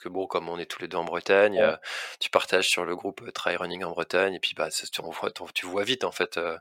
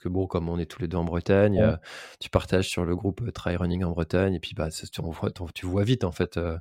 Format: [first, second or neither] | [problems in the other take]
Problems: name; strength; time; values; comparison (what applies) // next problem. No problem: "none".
second | thin; very; fading below 600 Hz